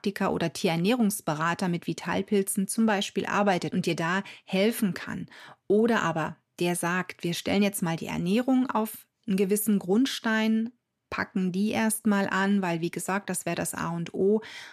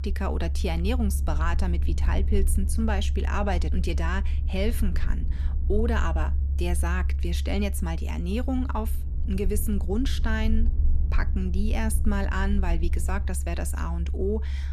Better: first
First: none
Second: low rumble; noticeable; throughout; 15 dB below the speech

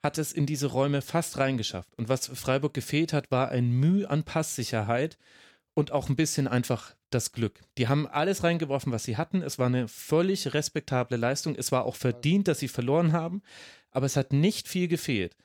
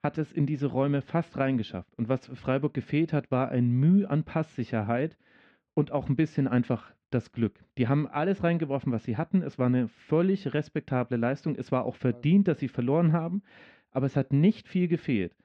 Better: first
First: none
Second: muffled; very; fading above 2.5 kHz

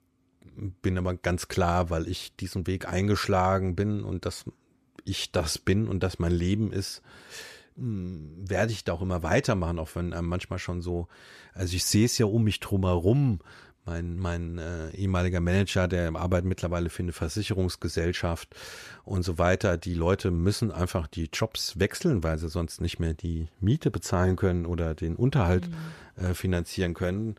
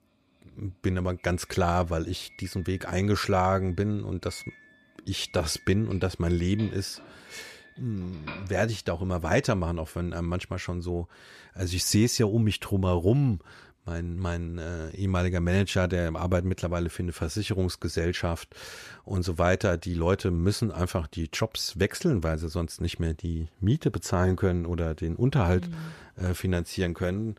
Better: first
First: none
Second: doorbell; faint; from 2.5 to 8.5 s; peak 10 dB below the speech

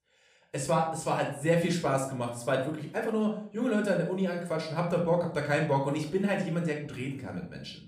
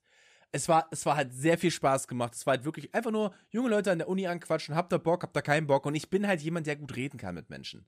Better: second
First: off-mic speech; somewhat distant // room echo; slight; dies away in 0.4 s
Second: none

